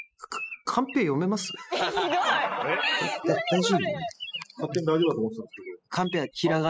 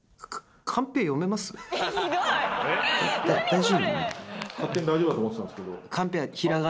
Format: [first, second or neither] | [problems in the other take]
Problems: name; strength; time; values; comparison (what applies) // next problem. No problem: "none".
second | noise reduction (classical method spectral subtraction)